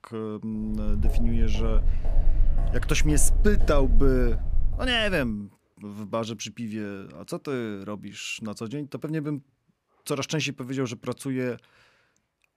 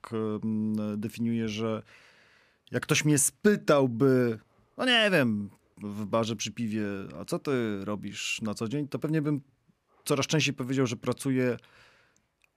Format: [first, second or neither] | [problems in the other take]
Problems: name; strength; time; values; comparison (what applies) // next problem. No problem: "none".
second | footsteps; loud; from 0.5 to 5 s; peak 2 dB above the speech